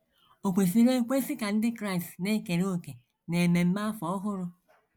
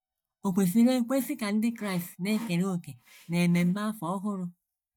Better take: first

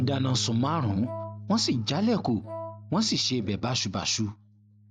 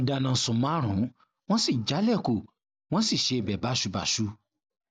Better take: second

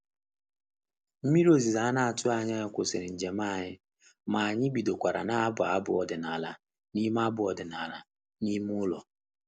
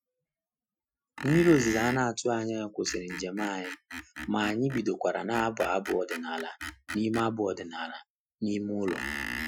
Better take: first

